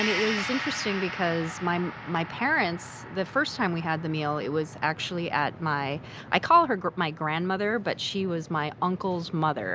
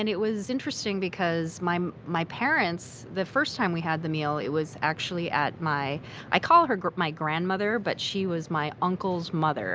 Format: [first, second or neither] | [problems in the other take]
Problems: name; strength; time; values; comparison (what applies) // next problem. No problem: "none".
second | background sound (Gong); 12 dB below the speech